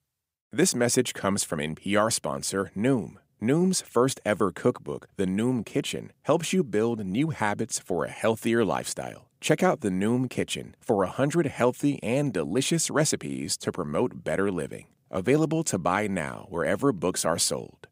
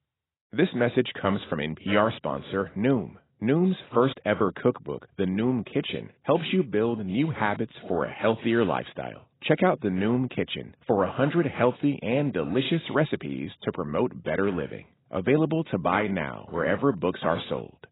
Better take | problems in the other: first | garbled, watery; badly; nothing above 4 kHz

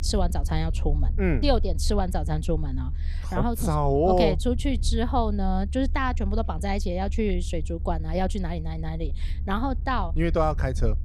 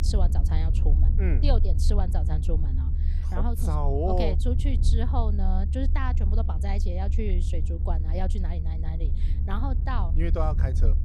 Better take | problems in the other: first | low rumble; loud; throughout; 9 dB below the speech; faint in the first

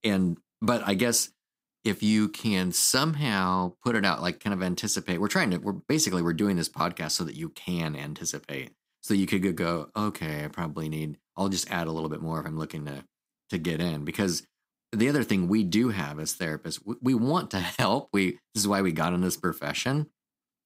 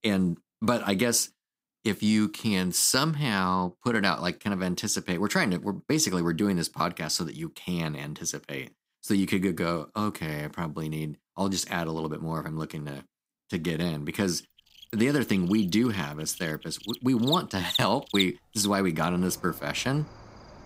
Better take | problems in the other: first | animal sounds; loud; from 15 s on; 7 dB below the speech

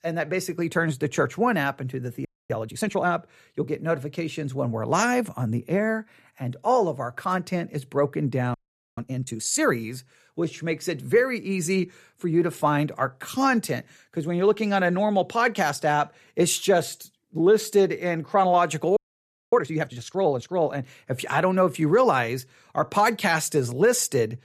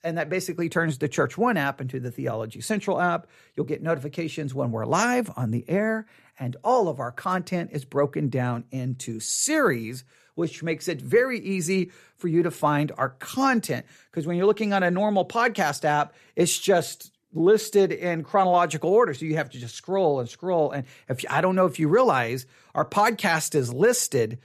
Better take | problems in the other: second | audio freezing; at 2.5 s, at 8.5 s and at 19 s for 0.5 s

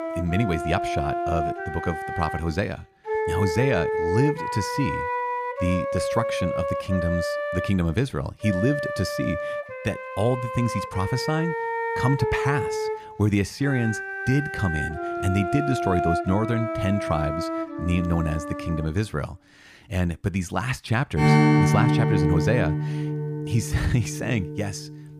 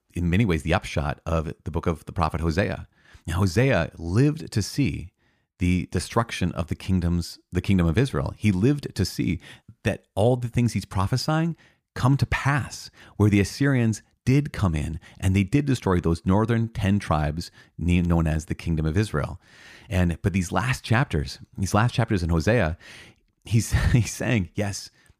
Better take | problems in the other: second | background music; loud; throughout; as loud as the speech

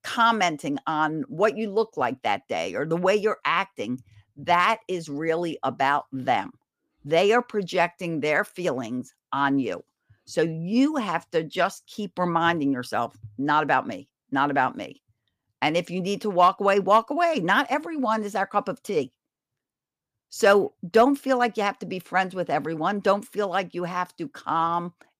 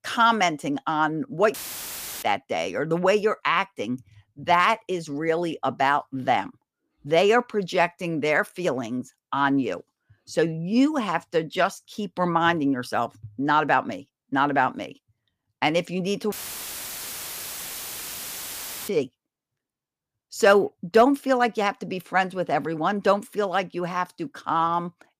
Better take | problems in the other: first | audio cutting out; filled with static; at 1.5 s for 0.5 s and at 16 s for 2.5 s

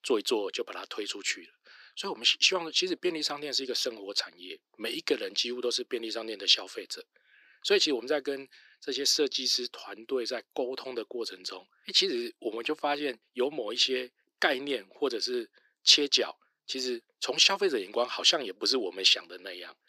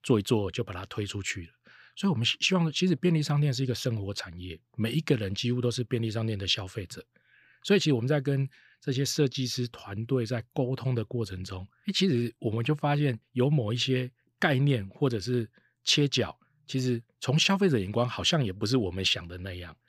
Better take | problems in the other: second | thin; very; fading below 300 Hz

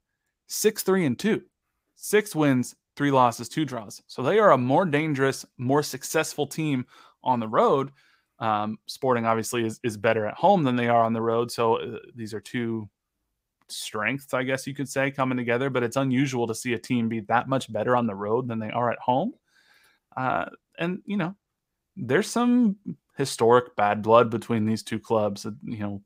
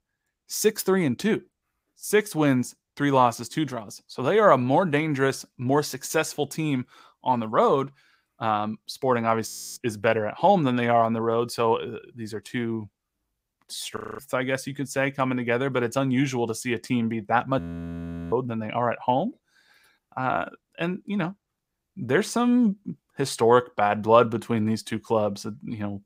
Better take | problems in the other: first | audio freezing; at 9.5 s, at 14 s and at 18 s for 0.5 s

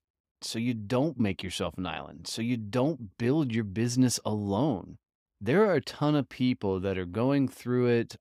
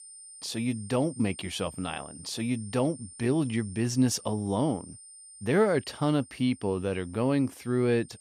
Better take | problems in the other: first | high-pitched whine; noticeable; throughout; 9 kHz, 15 dB below the speech

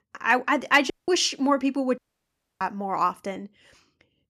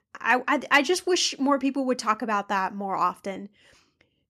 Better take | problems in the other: second | audio cutting out; at 1 s and at 2 s for 0.5 s

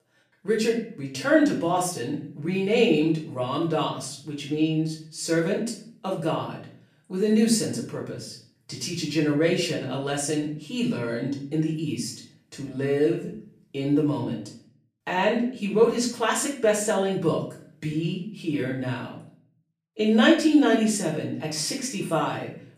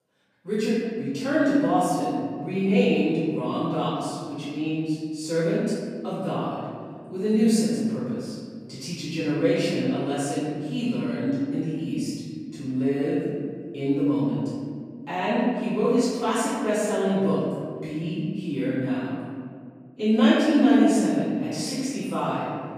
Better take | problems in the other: first | room echo; strong; dies away in 2.1 s; slight in the first // off-mic speech; far; far in the first

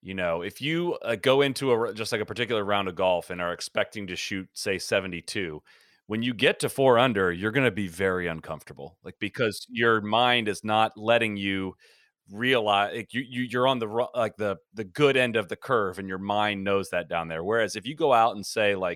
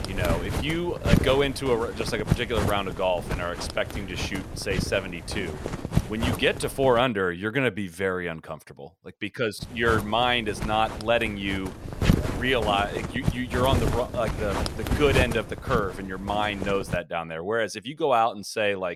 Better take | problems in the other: first | wind noise on the microphone; heavy; until 7 s and from 9.5 to 17 s; 9 dB below the speech

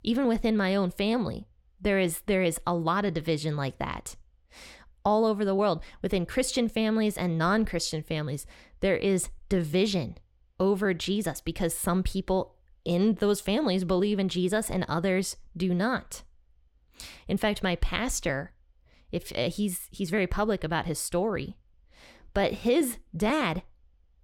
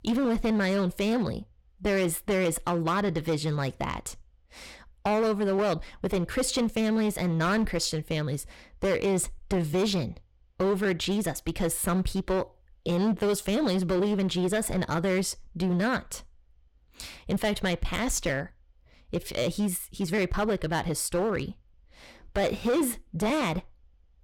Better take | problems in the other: first | distortion; slight; 10% of the sound clipped

